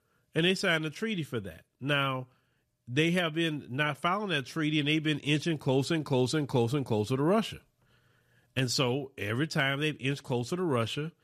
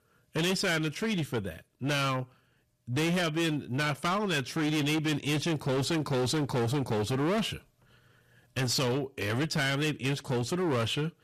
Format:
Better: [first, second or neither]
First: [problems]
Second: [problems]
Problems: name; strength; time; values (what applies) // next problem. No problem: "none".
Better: first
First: none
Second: distortion; heavy; 23% of the sound clipped